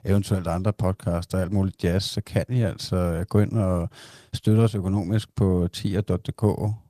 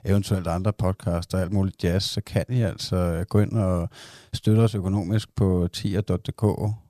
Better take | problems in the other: second | garbled, watery; slightly; nothing above 14.5 kHz

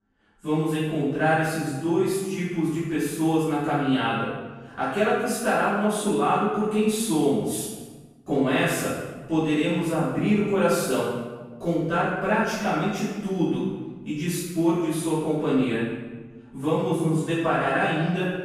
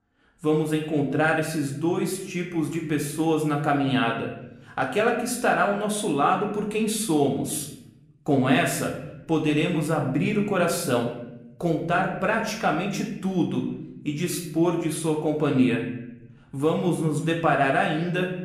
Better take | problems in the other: second | room echo; strong; dies away in 1.1 s; slight in the second // off-mic speech; far; somewhat distant in the second

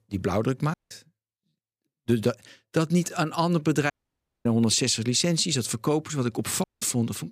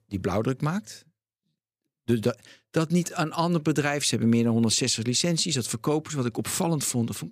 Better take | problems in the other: second | audio cutting out; at 0.5 s, at 4 s for 0.5 s and at 6.5 s

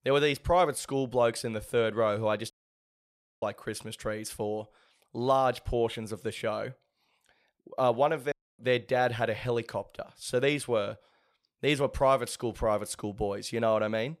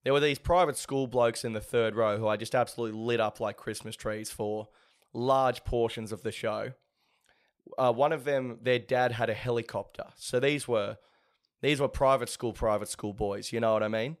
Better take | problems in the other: second | audio cutting out; at 2.5 s for 1 s and at 8.5 s

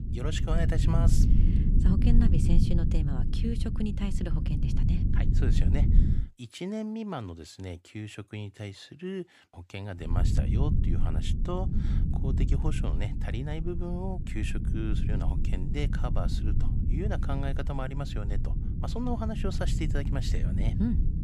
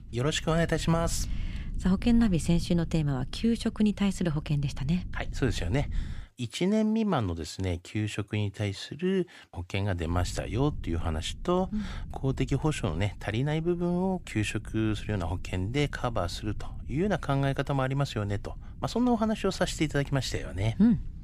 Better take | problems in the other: second | low rumble; loud; until 6 s and from 10 s on; 3 dB below the speech; faint in the second

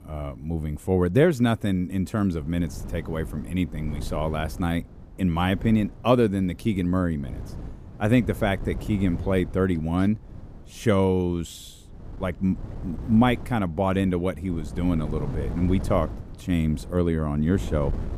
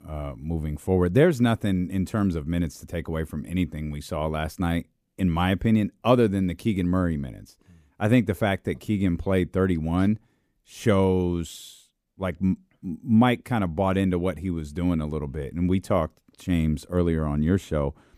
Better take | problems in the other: second | wind noise on the microphone; occasional gusts; 20 dB below the speech

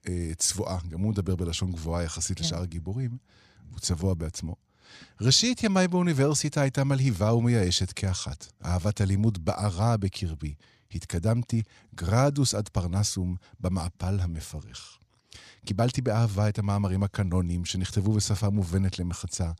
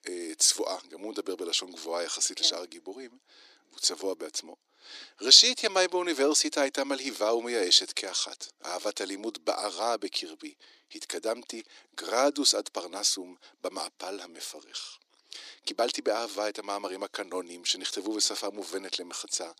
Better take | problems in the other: first | thin; very; fading below 300 Hz

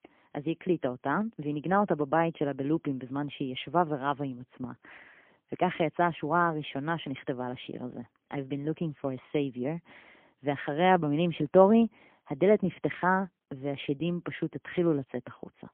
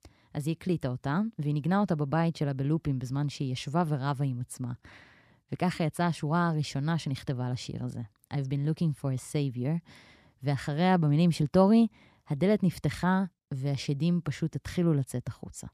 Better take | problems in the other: second | phone-call audio; poor line; nothing above 3.5 kHz

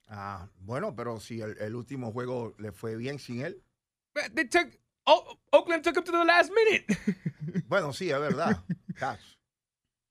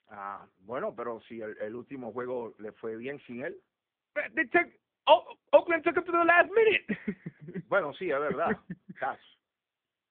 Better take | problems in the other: first | phone-call audio; nothing above 3.5 kHz

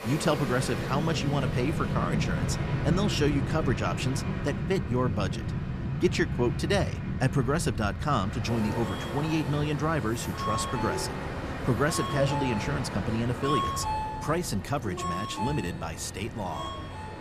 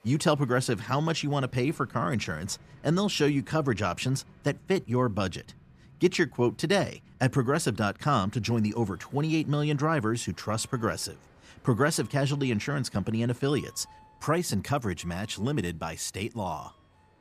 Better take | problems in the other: second | train or aircraft noise; loud; throughout; 3 dB below the speech; faint in the second

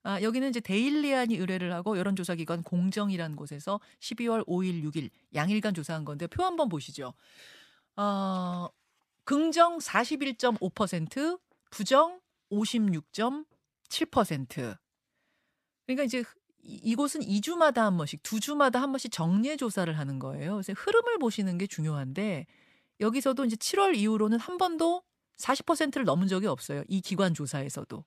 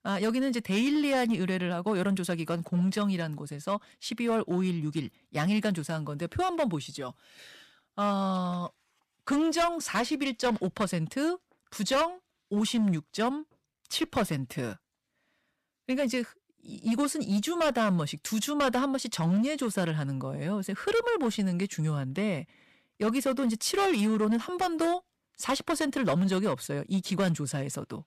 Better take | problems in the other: first | distortion; slight; 7% of the sound clipped

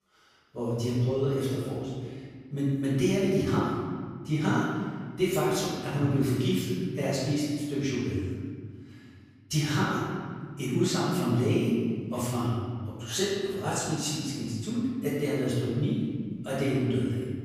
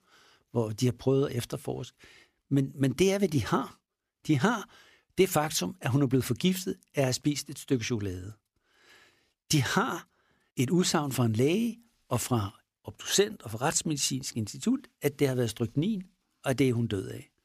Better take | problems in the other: second | off-mic speech; far // room echo; strong; dies away in 1.8 s

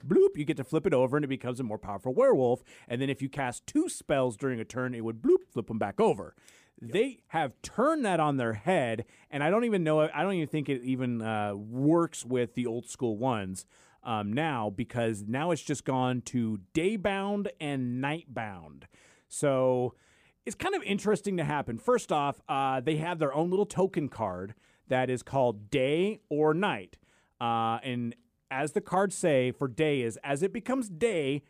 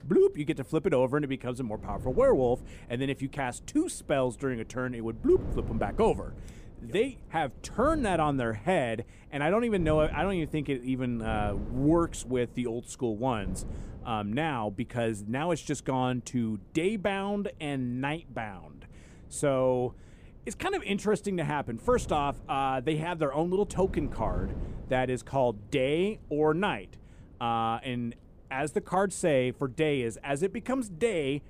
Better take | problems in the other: first | wind noise on the microphone; occasional gusts; 25 dB below the speech

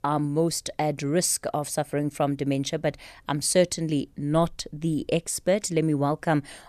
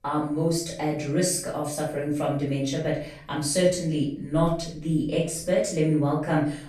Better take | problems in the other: first | off-mic speech; far // room echo; noticeable; dies away in 0.4 s

